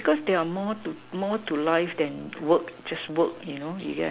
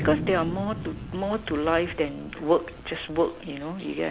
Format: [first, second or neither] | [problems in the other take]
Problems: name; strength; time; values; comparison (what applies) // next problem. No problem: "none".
first | background sound (Thunder); 10 dB below the speech